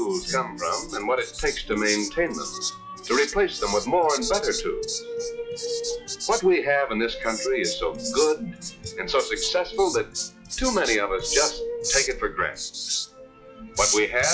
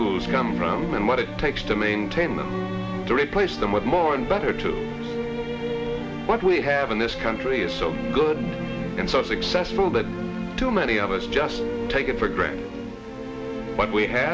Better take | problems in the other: second | noise reduction (classical method log-MMSE)

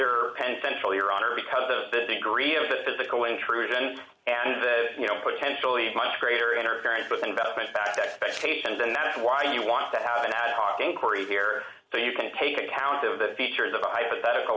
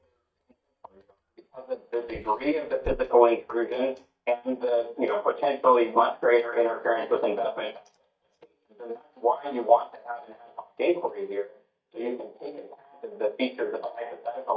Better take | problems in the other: first | noise reduction (neural mask model DeepFilterNet 3)

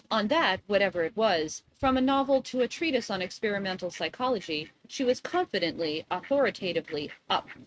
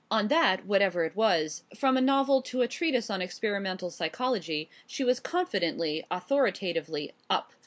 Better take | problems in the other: second | noise reduction (neural mask model RNNoise)

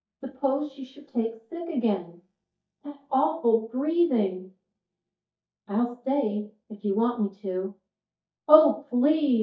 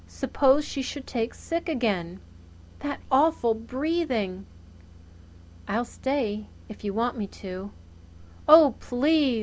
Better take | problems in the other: second | noise reduction (neural mask model DeepFilterNet 3)

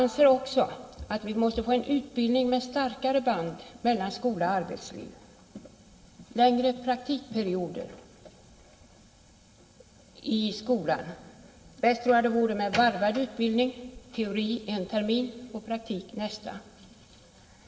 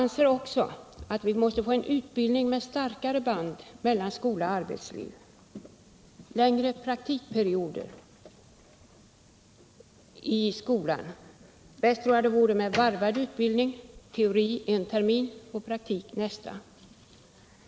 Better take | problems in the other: second | room echo; dies away in 1.5 s

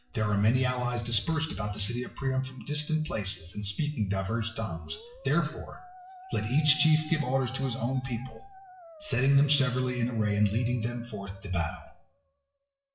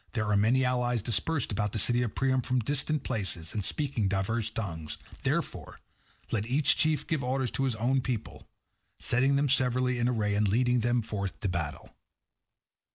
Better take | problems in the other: second | noise reduction (classical method WPE with log-MMSE)

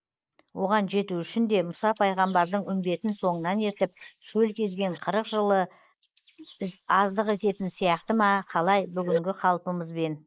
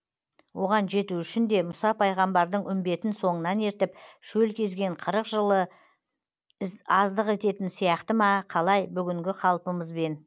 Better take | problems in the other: second | noise reduction (neural mask model Resemble Enhance denoiser)

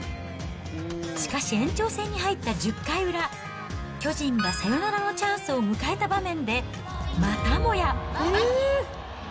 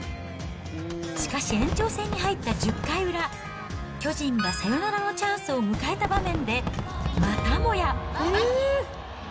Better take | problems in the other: first | background sound (Fireworks); 9 dB below the speech

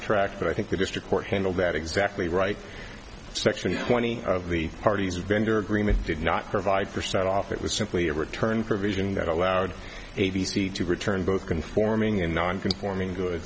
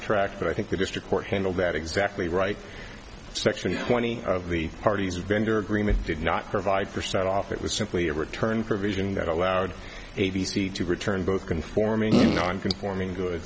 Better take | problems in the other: first | background sound (Fart); 4 dB above the speech

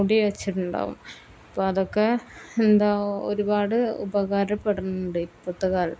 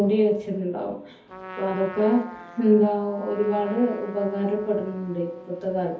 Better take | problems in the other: first | background sound (Trumpet); 18 dB below the speech // room echo; dies away in 0.5 s

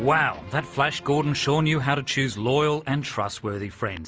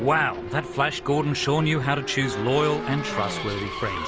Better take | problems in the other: first | background sound (Race car, auto racing / Accelerating, revving, vroom); 8 dB below the speech

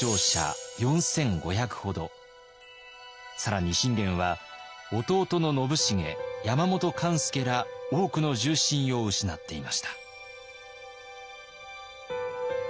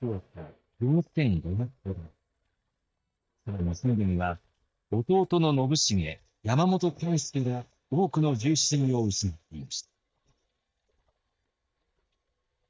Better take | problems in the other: first | noise reduction (neural mask model DeepFilterNet 3)

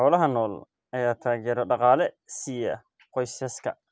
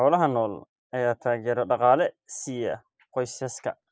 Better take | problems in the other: first | noise reduction (neural mask model Resemble Enhance denoiser)

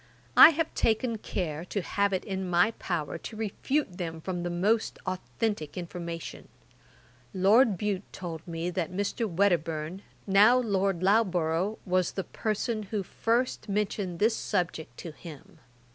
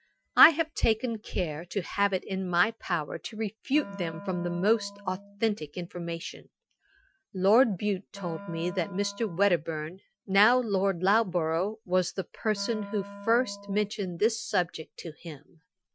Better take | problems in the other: first | noise reduction (classical method Wiener filter)

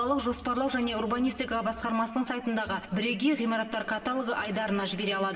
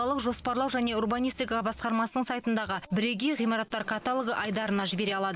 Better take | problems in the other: second | room echo; dies away in 2.8 s

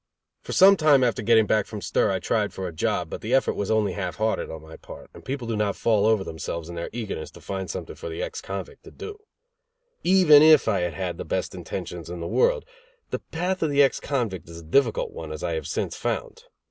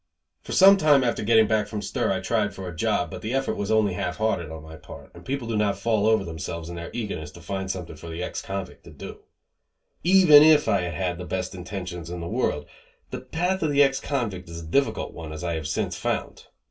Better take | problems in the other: first | room echo; dies away in 0.2 s

